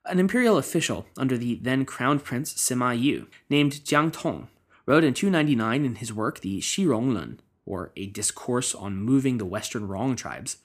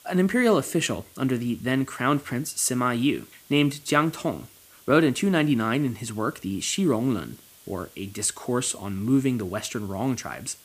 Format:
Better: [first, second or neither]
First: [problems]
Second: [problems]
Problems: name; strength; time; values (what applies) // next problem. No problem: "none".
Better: first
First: none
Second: hiss; faint; throughout; 25 dB below the speech